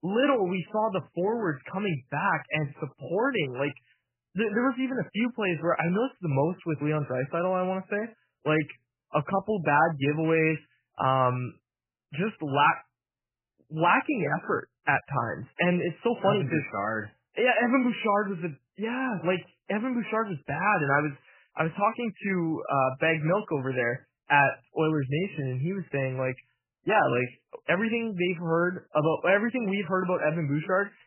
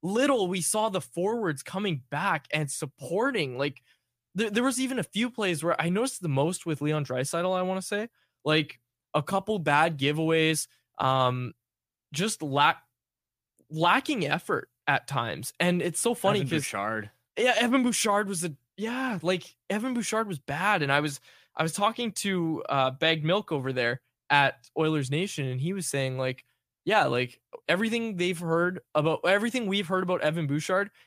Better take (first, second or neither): second